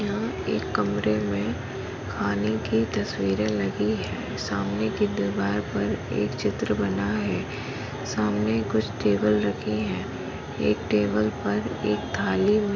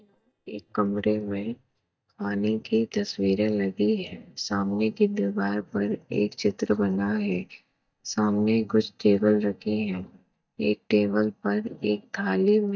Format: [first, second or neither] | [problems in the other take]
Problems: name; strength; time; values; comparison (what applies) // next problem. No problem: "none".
first | noise reduction (neural mask model DeepFilterNet 3)